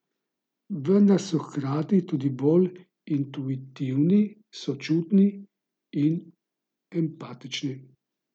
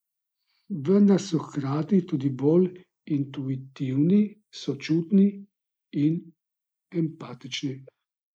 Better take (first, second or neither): first